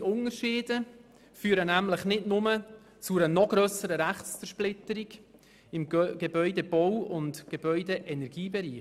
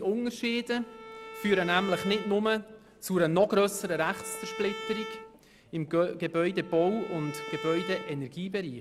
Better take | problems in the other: first | background sound (Bowed string instrument); 13 dB below the speech

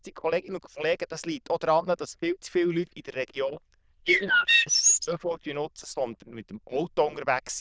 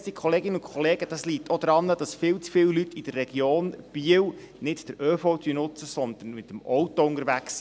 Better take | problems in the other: second | noise reduction (neural diffusion model UNIVERSE++)

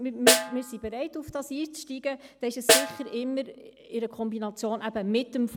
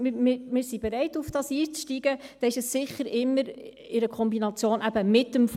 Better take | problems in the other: second | background sound (Snare drum); 2 dB above the speech

